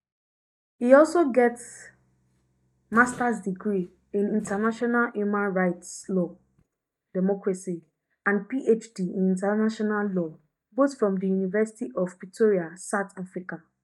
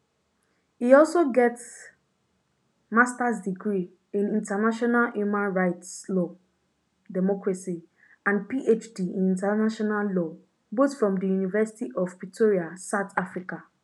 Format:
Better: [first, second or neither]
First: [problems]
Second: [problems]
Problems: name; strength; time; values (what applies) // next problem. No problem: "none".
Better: second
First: noise reduction (neural mask model DeepFilterNet 3)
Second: none